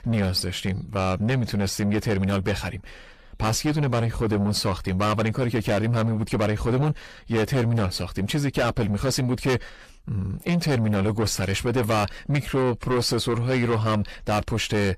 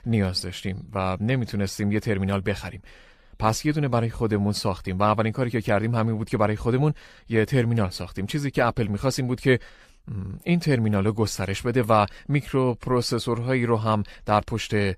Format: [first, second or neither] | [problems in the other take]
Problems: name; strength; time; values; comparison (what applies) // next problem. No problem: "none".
second | distortion; heavy; 6 dB below the speech